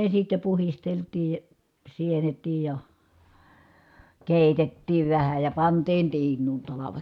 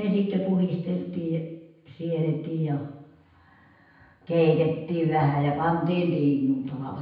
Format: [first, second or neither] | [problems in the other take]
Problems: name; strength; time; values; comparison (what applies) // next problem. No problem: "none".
first | room echo; dies away in 0.9 s